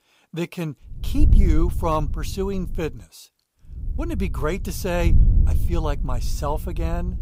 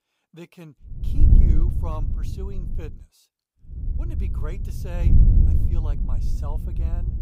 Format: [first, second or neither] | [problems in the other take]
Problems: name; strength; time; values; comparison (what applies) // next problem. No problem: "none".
first | wind noise on the microphone; heavy; from 1 to 3 s and from 4 s on; 3 dB above the speech; occasional gusts in the first